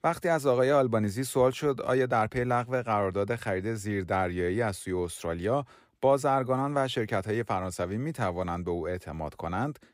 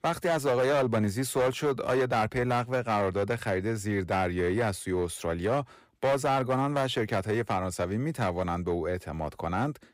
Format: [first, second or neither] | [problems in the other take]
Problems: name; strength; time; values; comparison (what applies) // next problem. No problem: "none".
first | distortion; slight; 9% of the sound clipped